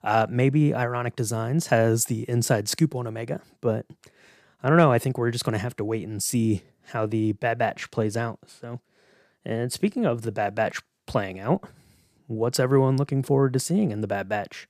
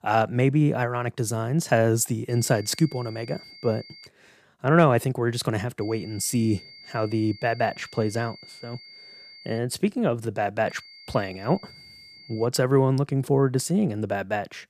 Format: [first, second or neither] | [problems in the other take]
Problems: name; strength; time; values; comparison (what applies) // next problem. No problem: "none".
first | high-pitched whine; noticeable; from 2.5 to 4 s, from 6 to 9.5 s and from 11 to 12 s; 4.5 kHz, 20 dB below the speech